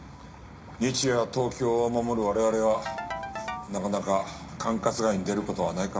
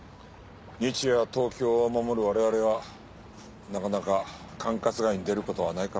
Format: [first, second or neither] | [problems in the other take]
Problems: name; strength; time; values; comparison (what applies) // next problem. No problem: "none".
second | background sound (Ringtone / Keyboard (musical)); 11 dB below the speech // room echo; dies away in 0.4 s